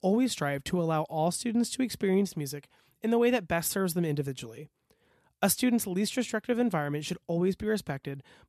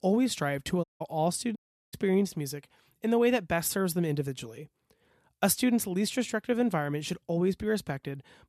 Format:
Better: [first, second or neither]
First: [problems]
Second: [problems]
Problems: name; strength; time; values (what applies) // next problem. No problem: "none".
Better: first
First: none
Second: audio cutting out; at 1 s and at 1.5 s